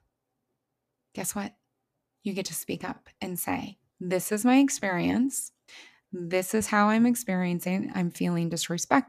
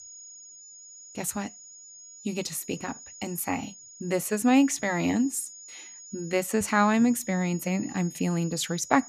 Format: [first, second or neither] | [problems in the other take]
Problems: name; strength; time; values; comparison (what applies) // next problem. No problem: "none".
first | high-pitched whine; noticeable; throughout; 7 kHz, 15 dB below the speech